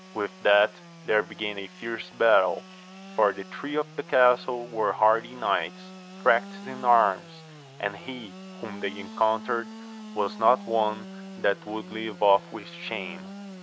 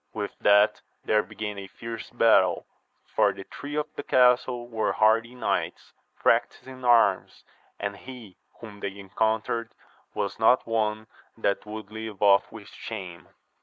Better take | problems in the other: second | background sound (Sawing / Engine); 16 dB below the speech

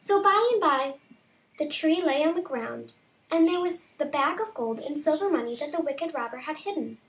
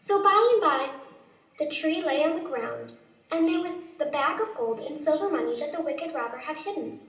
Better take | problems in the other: first | room echo; dies away in 1.7 s

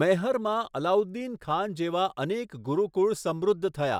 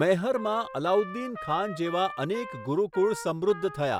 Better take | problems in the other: first | background sound (Trumpet); 14 dB below the speech

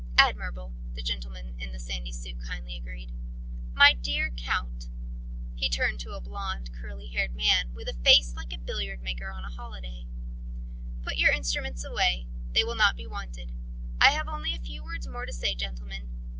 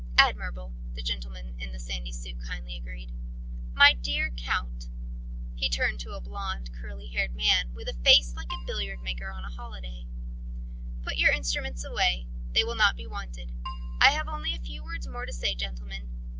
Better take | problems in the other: first | background sound (Keyboard (musical)); 16 dB below the speech

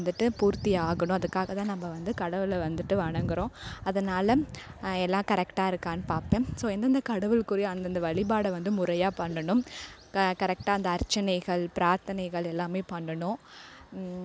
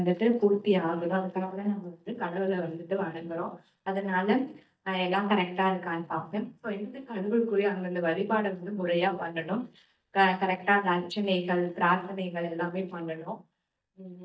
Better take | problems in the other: first | noise reduction (neural mask model DeepFilterNet 3)

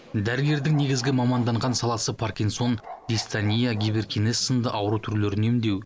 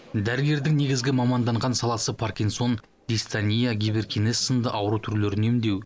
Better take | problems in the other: second | background sound (Bark); 19 dB below the speech

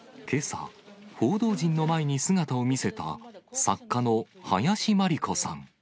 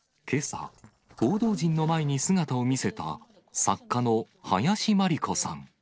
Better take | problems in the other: first | noise reduction (neural separator model SepFormer DNS4)

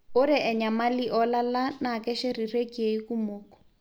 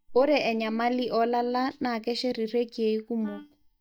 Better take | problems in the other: first | noise reduction (neural mask model DeepFilterNet 3)

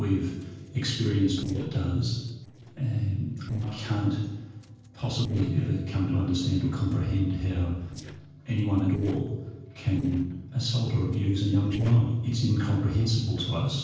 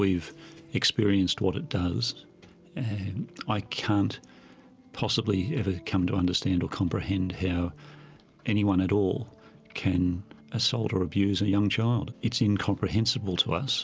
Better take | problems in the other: second | noise reduction (neural separator model SepFormer DNS4)

